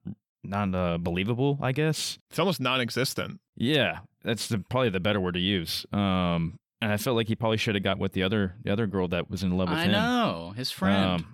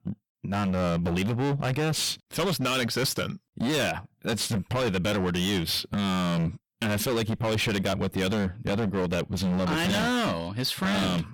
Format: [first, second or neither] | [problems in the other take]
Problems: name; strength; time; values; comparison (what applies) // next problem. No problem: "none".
first | distortion; heavy; 25% of the sound clipped